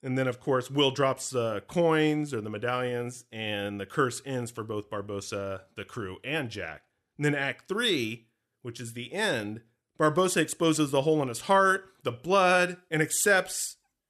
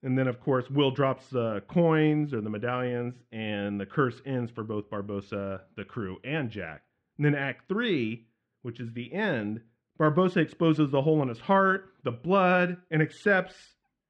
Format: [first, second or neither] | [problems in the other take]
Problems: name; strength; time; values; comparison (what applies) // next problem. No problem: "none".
first | muffled; very; fading above 3 kHz